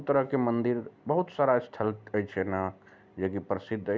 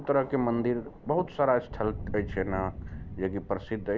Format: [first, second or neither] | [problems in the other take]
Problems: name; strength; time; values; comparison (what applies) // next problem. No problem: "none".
first | background sound (Thunder); 11 dB below the speech